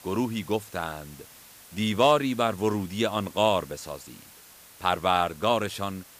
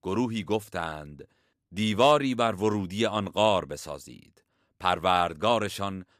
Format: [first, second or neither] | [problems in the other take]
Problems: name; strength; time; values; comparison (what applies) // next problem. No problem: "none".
second | hiss; faint; throughout; 20 dB below the speech